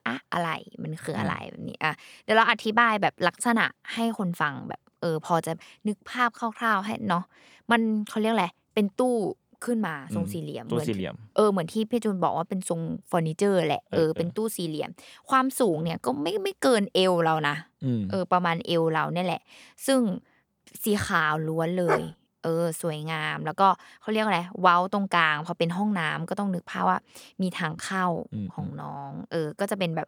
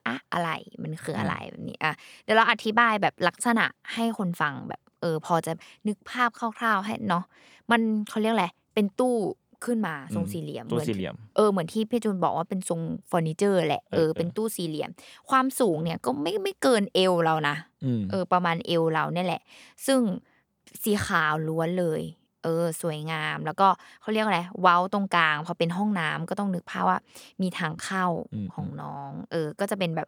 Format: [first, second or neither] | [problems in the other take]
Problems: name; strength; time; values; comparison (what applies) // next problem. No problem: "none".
second | dog barking; noticeable; at 22 s; peak 2 dB below the speech